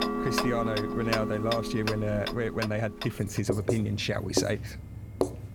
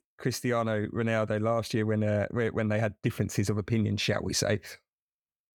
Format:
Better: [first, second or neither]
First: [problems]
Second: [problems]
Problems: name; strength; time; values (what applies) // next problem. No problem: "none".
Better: second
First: household noises; loud; throughout; 2 dB below the speech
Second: none